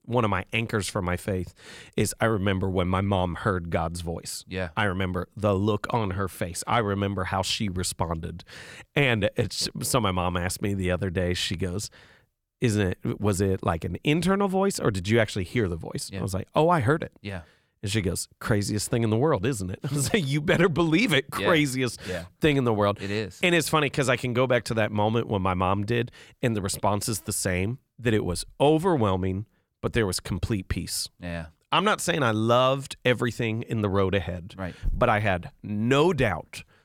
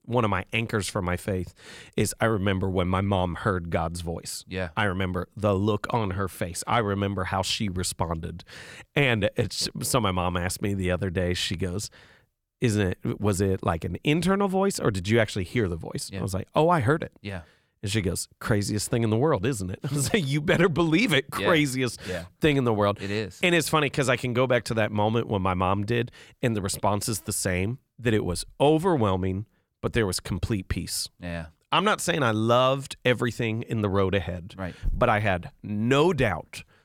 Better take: neither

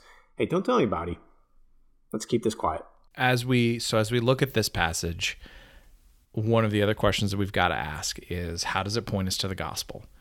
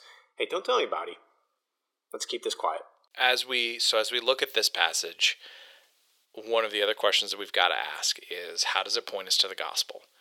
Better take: first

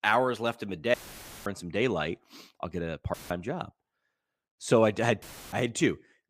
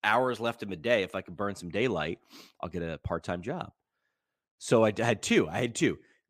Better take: second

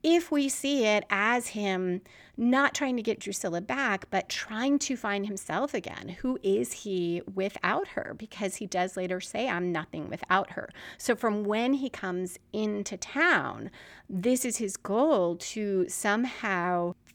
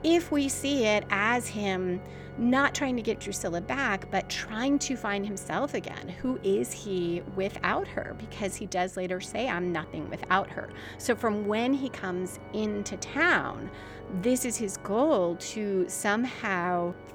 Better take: first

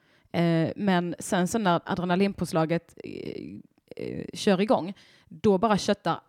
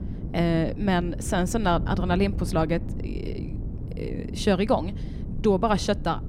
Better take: first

